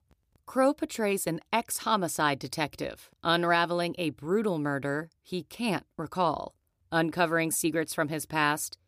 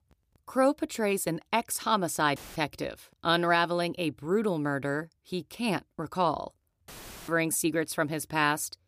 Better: first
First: none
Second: audio cutting out; filled with static; at 2.5 s and at 7 s

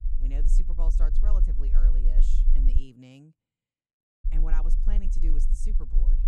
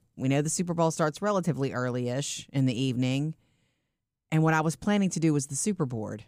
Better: second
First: low rumble; loud; until 3 s and from 4.5 s on; 5 dB below the speech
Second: none

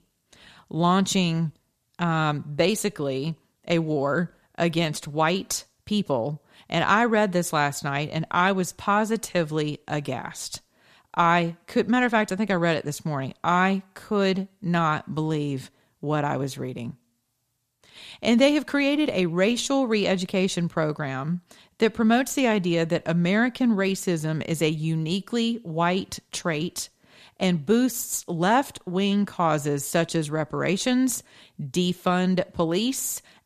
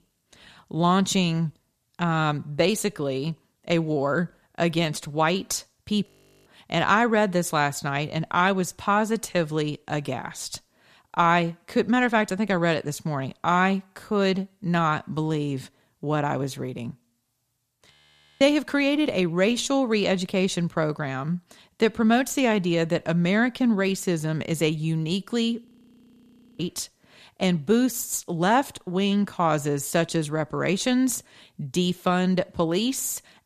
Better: first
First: none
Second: audio freezing; at 6 s, at 18 s for 0.5 s and at 26 s for 1 s

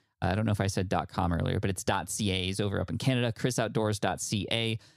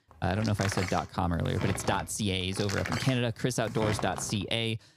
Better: first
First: none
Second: door banging; noticeable; until 4.5 s; peak 4 dB below the speech

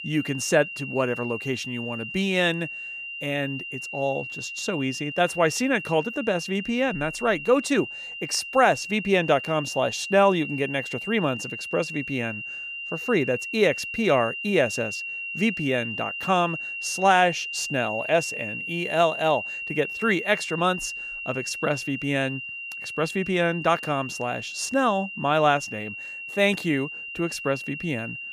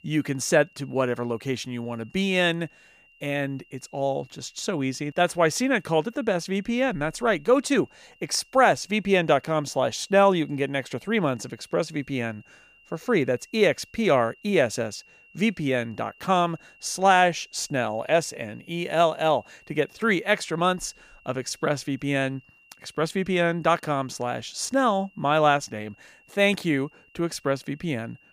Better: second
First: high-pitched whine; loud; throughout; 3 kHz, 7 dB below the speech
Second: high-pitched whine; faint; throughout; 3 kHz, 30 dB below the speech

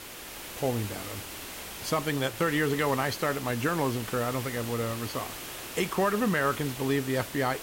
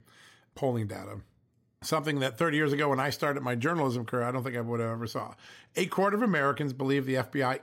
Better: second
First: hiss; loud; throughout; 9 dB below the speech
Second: none

